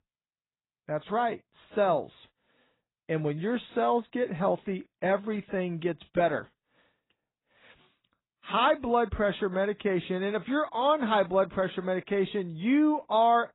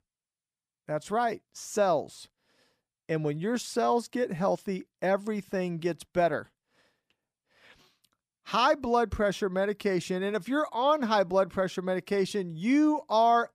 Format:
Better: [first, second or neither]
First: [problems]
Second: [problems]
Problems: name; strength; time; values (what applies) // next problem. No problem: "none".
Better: second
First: garbled, watery; badly; nothing above 4 kHz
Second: none